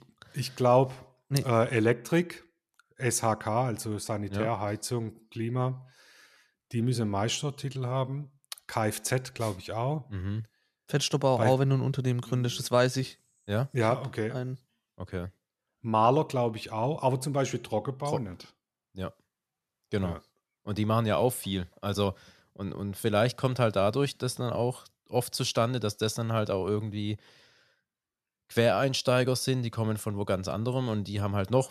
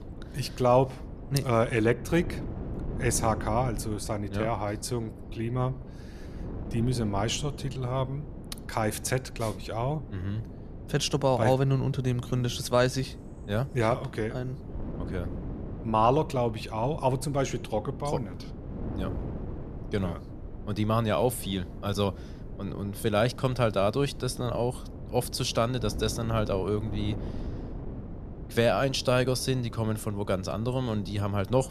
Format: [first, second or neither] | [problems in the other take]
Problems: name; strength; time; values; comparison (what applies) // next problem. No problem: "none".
first | wind noise on the microphone; occasional gusts; 15 dB below the speech